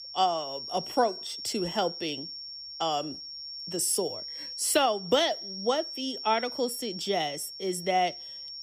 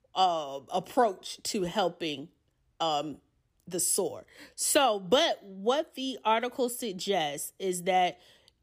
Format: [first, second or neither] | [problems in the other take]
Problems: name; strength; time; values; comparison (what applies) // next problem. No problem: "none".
second | high-pitched whine; loud; throughout; 5.5 kHz, 8 dB below the speech